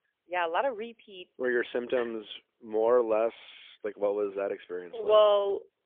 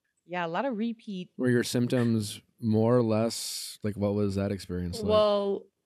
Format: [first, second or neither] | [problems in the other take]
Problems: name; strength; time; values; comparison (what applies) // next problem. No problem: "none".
second | phone-call audio; poor line; nothing above 3.5 kHz